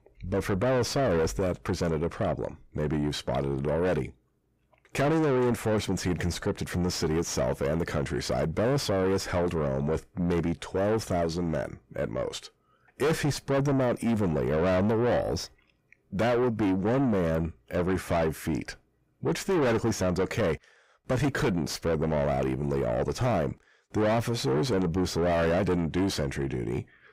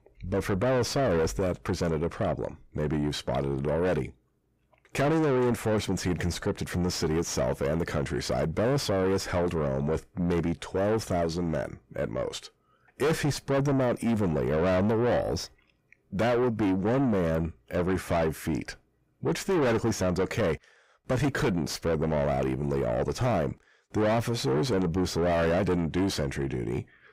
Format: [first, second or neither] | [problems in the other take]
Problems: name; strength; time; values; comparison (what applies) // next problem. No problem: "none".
neither | distortion; heavy; 5 dB below the speech; the same in both